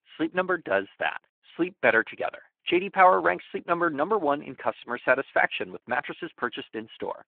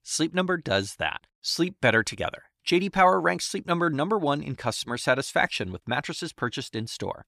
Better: second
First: phone-call audio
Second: none

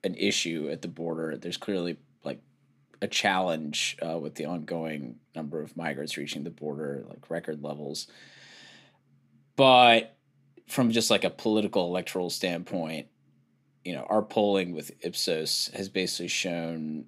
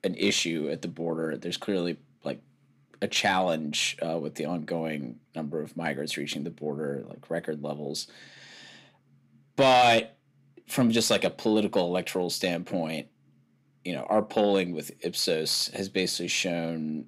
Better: first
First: none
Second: distortion; slight; 10 dB below the speech

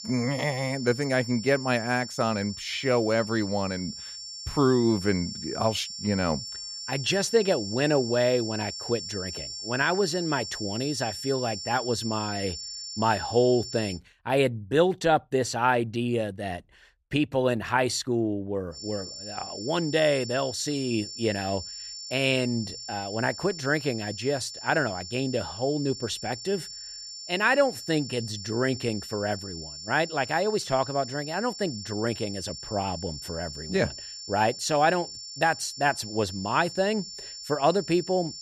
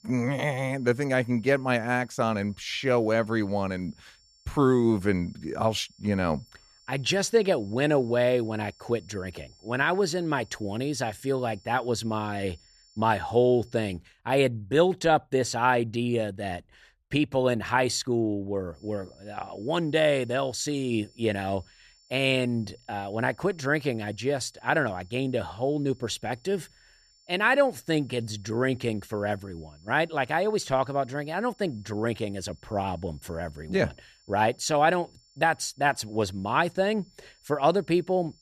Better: second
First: high-pitched whine; loud; until 14 s and from 19 s on; 5.5 kHz, 9 dB below the speech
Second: high-pitched whine; faint; until 14 s and from 19 s on; 5.5 kHz, 30 dB below the speech

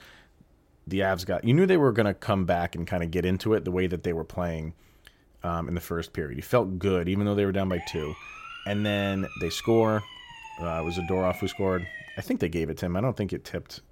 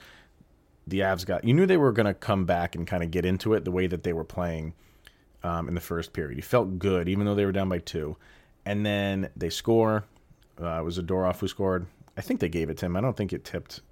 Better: second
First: siren; noticeable; from 7.5 to 12 s; peak 10 dB below the speech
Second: none

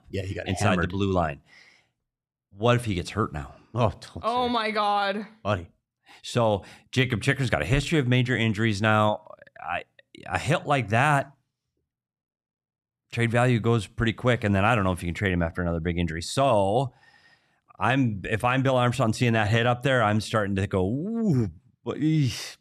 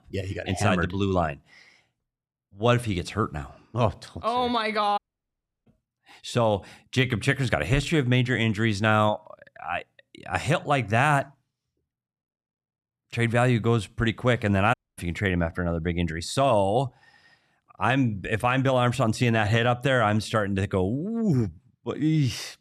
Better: first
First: none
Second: audio cutting out; at 5 s for 0.5 s and at 15 s

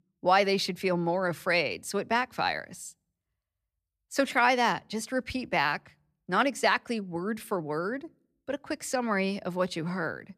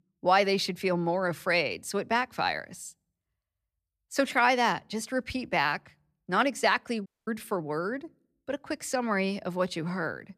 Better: first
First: none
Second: audio cutting out; at 7 s

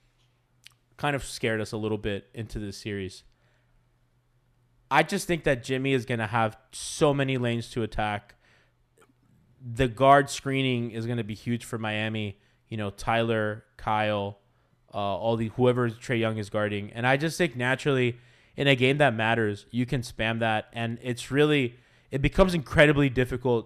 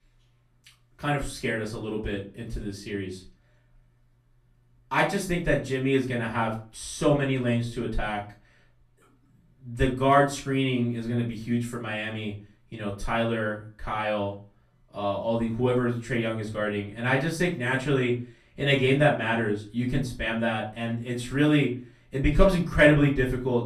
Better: first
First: none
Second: room echo; slight; dies away in 0.3 s // off-mic speech; far

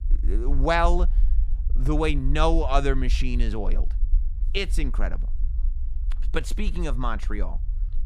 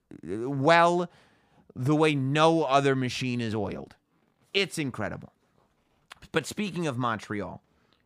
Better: second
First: low rumble; faint; throughout; 25 dB below the speech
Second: none

